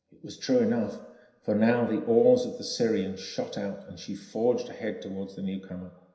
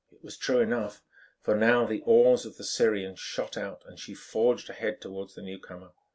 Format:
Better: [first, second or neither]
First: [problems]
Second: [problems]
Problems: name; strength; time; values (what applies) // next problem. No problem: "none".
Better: second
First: room echo; dies away in 0.9 s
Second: none